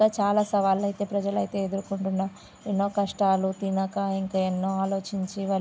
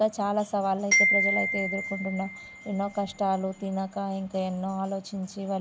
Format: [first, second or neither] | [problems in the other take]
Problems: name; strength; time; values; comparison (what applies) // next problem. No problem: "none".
first | background sound (Glockenspiel); 1 dB below the speech